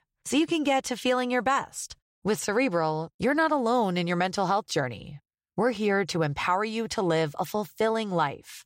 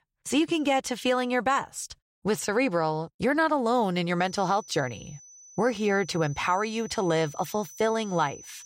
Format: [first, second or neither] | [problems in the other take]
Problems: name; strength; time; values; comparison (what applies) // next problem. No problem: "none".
first | high-pitched whine; noticeable; from 4 s on; 6 kHz, 20 dB below the speech